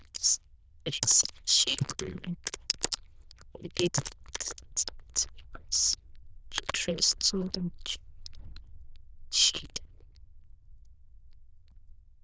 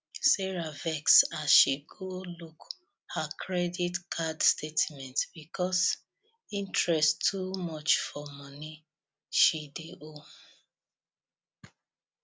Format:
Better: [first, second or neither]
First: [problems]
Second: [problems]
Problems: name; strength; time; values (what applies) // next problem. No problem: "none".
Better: second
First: noise reduction (neural diffusion model UNIVERSE++)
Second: none